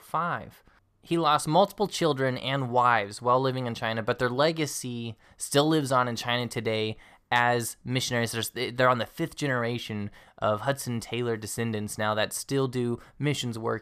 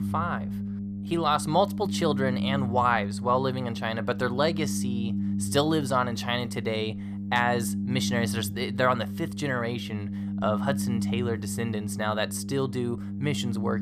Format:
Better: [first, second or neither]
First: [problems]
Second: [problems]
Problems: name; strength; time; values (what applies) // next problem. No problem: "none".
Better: first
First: none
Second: low rumble; noticeable; throughout; 10 dB below the speech